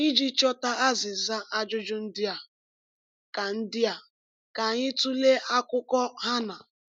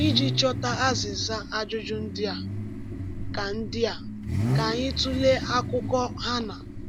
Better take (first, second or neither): first